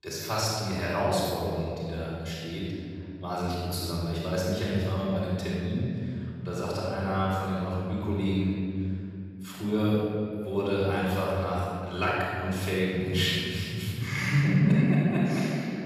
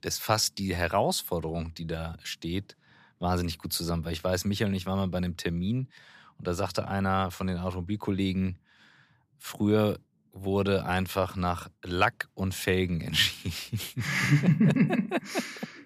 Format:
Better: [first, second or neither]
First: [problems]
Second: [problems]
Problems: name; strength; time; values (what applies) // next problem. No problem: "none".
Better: second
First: room echo; strong; dies away in 2.4 s // off-mic speech; far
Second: none